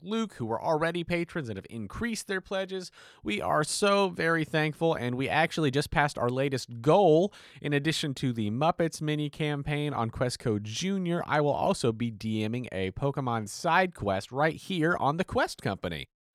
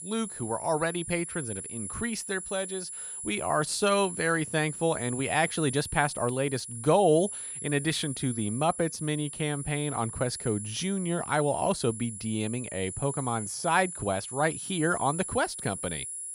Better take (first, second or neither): first